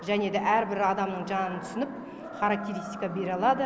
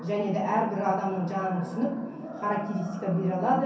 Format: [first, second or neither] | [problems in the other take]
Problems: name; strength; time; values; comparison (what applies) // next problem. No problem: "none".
first | room echo; dies away in 0.6 s